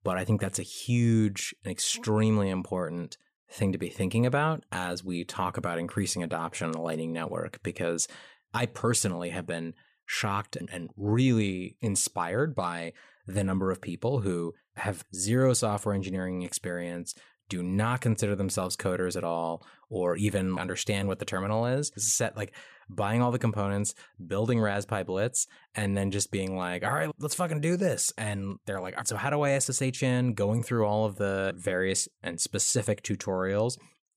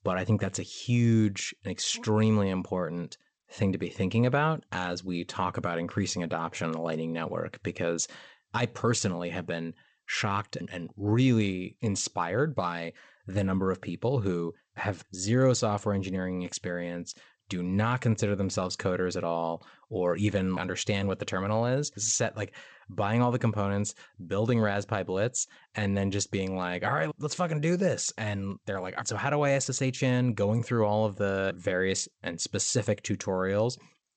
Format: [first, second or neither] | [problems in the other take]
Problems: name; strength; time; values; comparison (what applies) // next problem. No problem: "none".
first | garbled, watery; slightly; nothing above 8 kHz